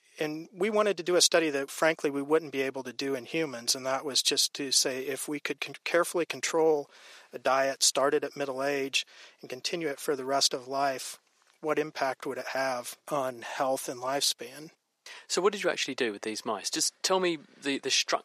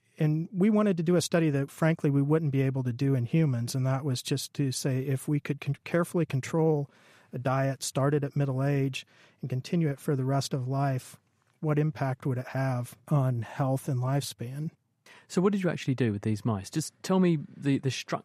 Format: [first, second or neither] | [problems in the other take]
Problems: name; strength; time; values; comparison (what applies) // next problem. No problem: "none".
second | thin; very; fading below 400 Hz